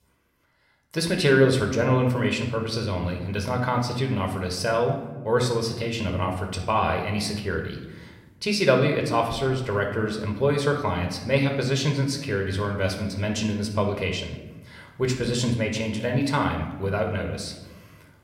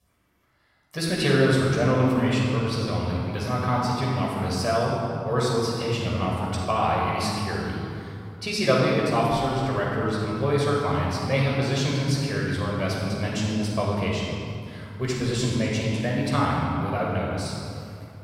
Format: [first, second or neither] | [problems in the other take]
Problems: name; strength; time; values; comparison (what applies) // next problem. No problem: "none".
first | room echo; strong; dies away in 2.2 s; slight in the first // off-mic speech; far